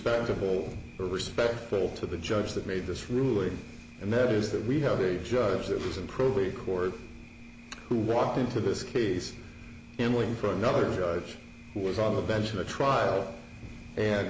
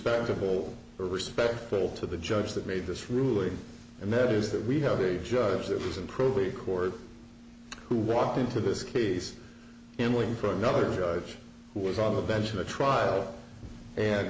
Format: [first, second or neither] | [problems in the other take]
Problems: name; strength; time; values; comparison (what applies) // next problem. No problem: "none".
second | background sound (Thunder); 19 dB below the speech